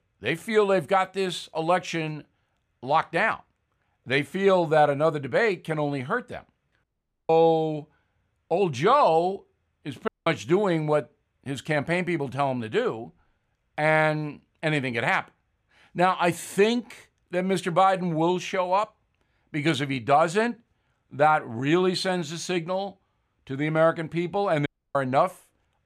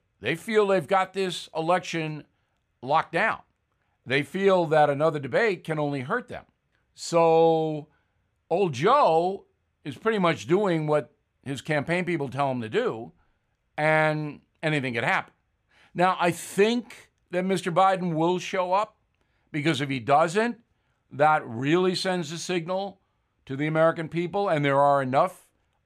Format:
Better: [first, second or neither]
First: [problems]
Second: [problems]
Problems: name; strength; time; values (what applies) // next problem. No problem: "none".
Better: second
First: audio cutting out; at 7 s, at 10 s and at 25 s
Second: none